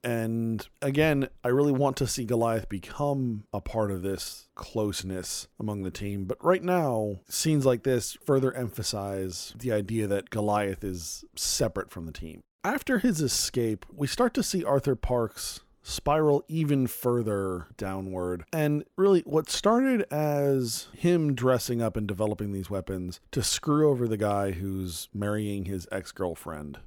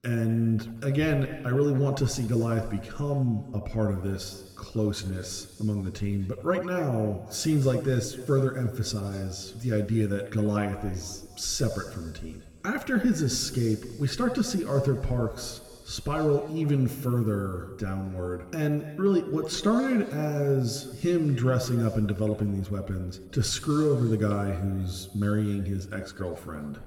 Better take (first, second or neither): first